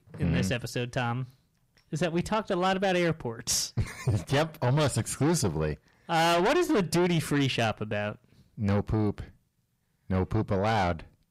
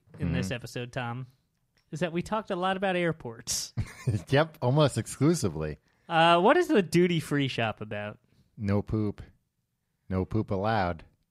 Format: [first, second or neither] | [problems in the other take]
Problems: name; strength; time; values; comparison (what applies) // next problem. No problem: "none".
second | distortion; heavy; 7 dB below the speech